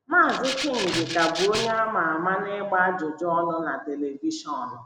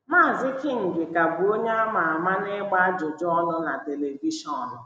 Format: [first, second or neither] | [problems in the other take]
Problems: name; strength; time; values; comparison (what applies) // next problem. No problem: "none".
second | background sound (Rattle (instrument)); 6 dB below the speech